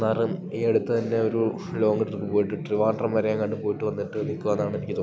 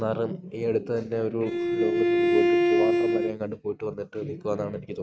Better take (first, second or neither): first